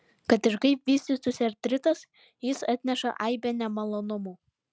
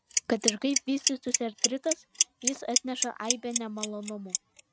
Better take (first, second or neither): first